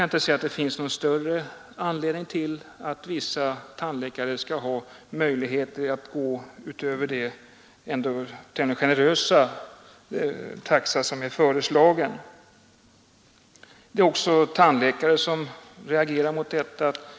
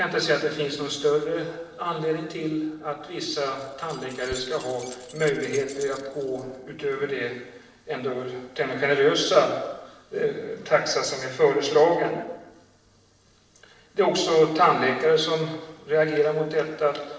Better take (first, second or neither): first